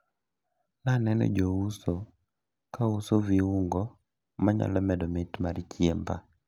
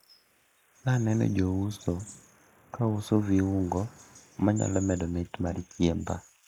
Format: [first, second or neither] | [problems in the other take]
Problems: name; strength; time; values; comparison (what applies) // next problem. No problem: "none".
first | noise reduction (neural mask model Resemble Enhance denoiser)